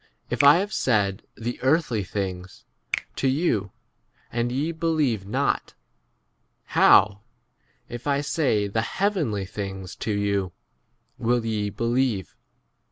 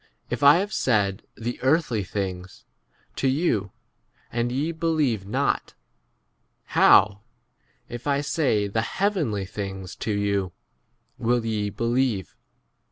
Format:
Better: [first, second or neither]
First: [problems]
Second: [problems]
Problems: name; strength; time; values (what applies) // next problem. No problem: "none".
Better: second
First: background sound (Finger snapping); 15 dB below the speech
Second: none